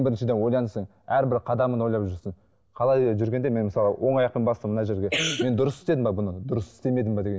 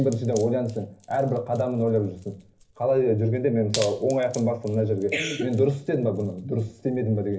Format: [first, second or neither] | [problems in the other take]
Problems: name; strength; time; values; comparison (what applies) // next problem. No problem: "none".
first | background sound (Wood); 20 dB below the speech // room echo; dies away in 0.3 s